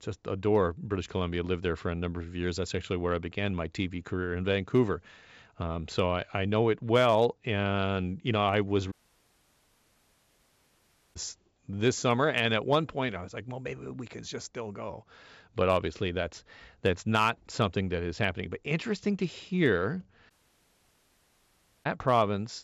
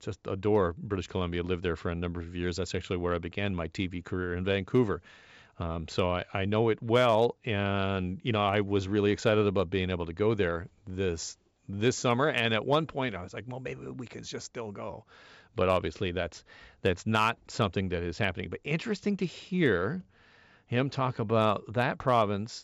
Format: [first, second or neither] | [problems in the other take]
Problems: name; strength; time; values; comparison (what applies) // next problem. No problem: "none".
second | audio cutting out; at 9 s for 2 s and at 20 s for 1.5 s